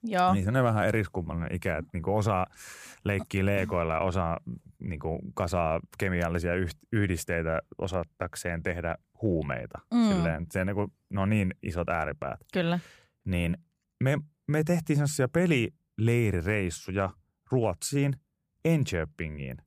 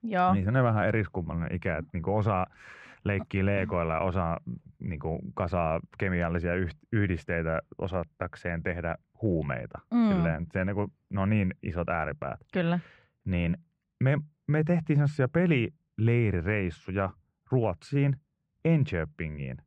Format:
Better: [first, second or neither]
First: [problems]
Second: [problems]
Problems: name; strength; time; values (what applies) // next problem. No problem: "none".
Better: first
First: none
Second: muffled; very; fading above 2.5 kHz